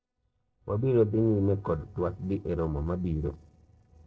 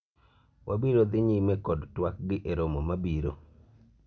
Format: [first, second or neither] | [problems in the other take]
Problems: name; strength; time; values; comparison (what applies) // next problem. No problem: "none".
second | noise reduction (neural separator model SepFormer DNS4)